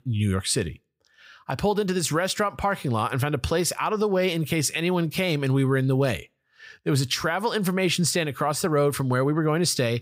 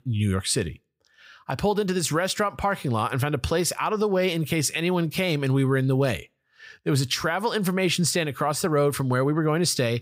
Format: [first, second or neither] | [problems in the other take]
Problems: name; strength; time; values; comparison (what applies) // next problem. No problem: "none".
neither | none